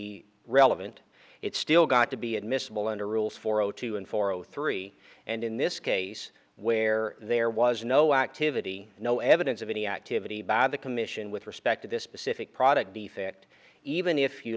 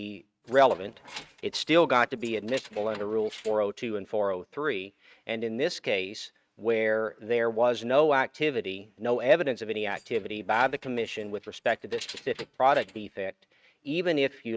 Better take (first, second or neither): first